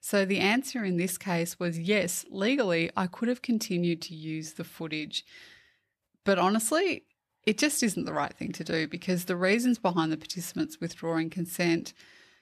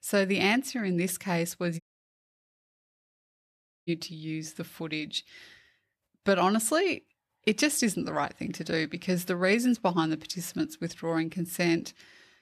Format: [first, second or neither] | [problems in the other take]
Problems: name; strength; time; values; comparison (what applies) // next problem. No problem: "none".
first | audio cutting out; at 2 s for 2 s